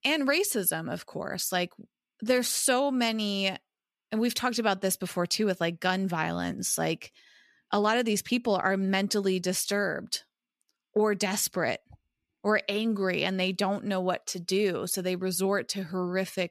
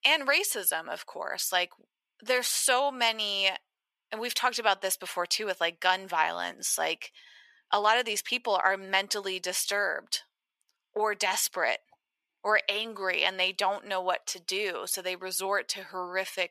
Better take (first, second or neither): first